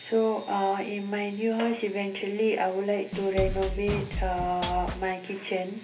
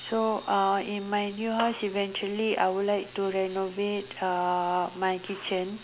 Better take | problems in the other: second | background sound (Drum kit); 4 dB below the speech // room echo; dies away in 0.3 s

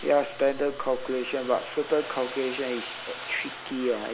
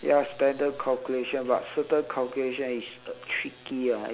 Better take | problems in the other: second | background sound (Domestic sounds, home sounds); 12 dB below the speech

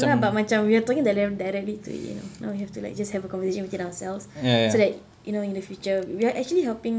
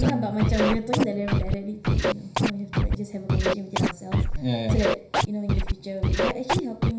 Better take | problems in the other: first | background sound (Scratching (performance technique)); 4 dB above the speech // room echo; dies away in 0.5 s

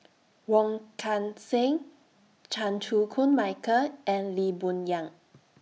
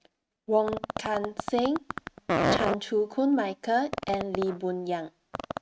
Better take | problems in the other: first | noise reduction (neural mask model RNNoise)

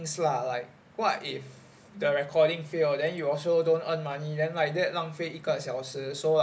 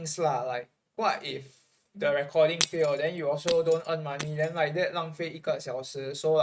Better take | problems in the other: first | noise reduction (neural mask model RNNoise)

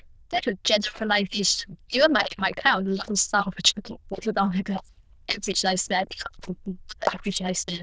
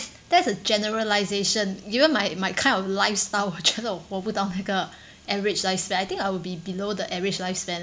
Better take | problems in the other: second | noise reduction (neural diffusion model UNIVERSE++)

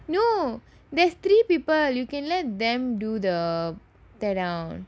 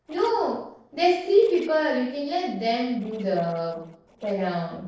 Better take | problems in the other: first | noise reduction (neural separator model SepFormer DNS4)

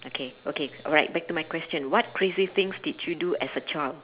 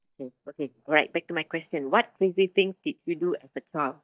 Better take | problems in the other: first | noise reduction (neural mask model DeepFilterNet 3)

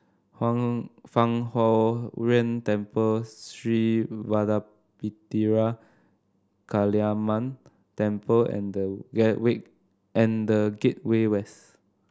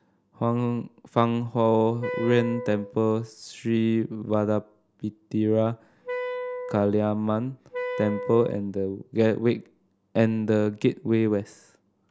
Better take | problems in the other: first | background sound (Wind instrument, woodwind instrument); 9 dB below the speech

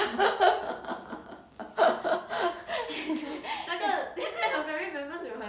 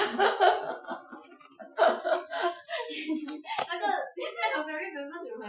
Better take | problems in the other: first | noise reduction (classical method Wiener filter)

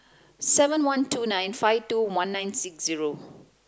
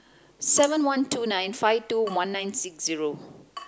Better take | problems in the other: first | background sound (Drip / Water tap, faucet); 19 dB below the speech

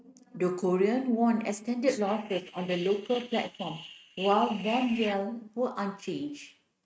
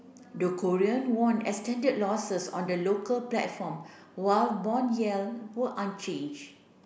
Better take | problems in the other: second | noise reduction (neural mask model RNNoise)

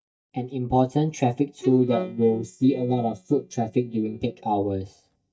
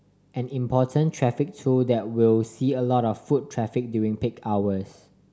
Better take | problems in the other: second | noise reduction (neural mask model DeepFilterNet 3)

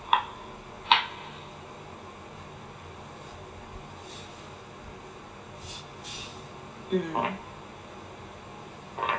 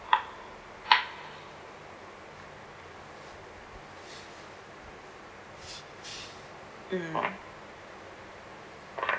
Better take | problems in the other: second | room echo; dies away in 0.2 s

